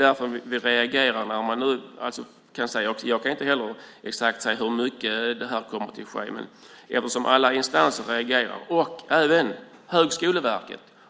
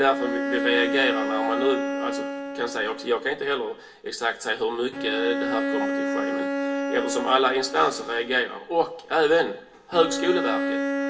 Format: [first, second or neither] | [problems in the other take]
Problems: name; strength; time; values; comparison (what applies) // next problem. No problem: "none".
first | background sound (Bowed string instrument); 3 dB below the speech // room echo; dies away in 0.2 s